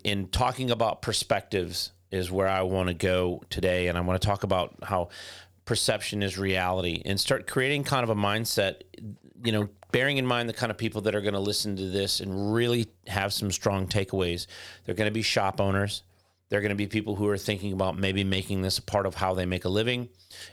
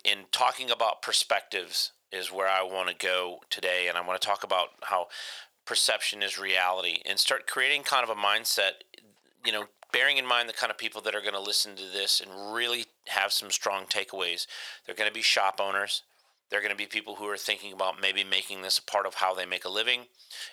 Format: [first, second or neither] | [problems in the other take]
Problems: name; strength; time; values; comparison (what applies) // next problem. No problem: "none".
first | thin; very; fading below 900 Hz